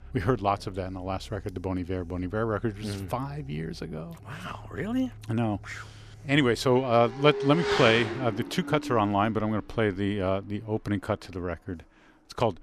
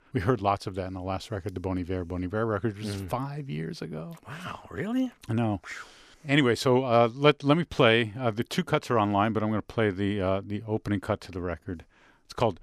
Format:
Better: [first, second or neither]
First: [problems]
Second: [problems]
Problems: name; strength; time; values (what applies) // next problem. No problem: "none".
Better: second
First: traffic noise; loud; throughout; 10 dB below the speech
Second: none